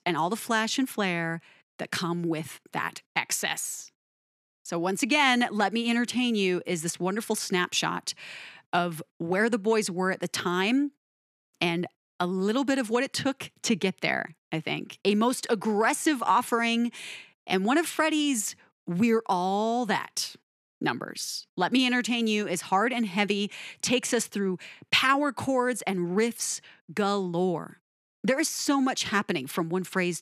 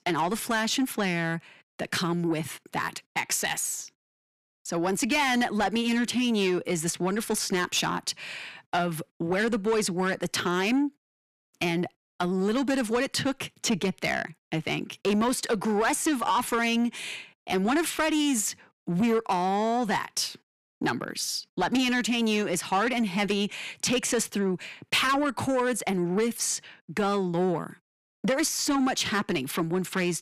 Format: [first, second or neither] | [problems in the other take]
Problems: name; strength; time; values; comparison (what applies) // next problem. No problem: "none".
first | distortion; slight; 10 dB below the speech